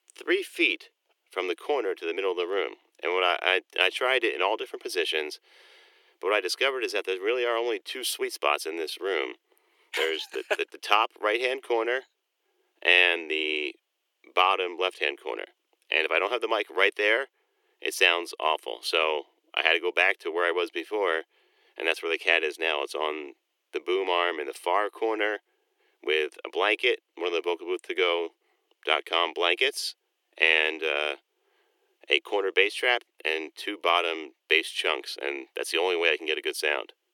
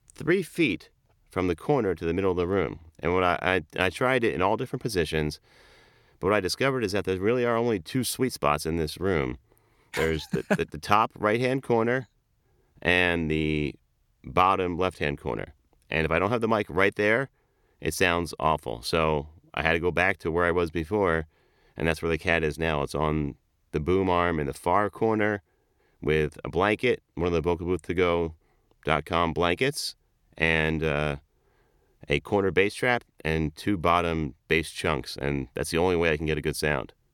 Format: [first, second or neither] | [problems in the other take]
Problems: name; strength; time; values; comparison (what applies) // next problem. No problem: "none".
second | thin; very; fading below 350 Hz